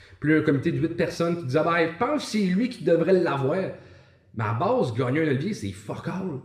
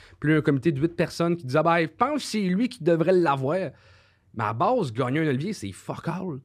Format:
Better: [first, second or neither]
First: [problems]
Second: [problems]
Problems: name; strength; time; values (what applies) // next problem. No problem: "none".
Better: second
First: room echo; slight; dies away in 0.7 s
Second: none